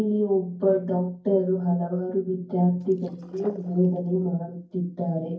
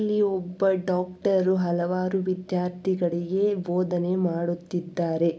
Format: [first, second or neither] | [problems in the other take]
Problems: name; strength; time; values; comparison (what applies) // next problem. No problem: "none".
second | noise reduction (neural mask model DeepFilterNet 3)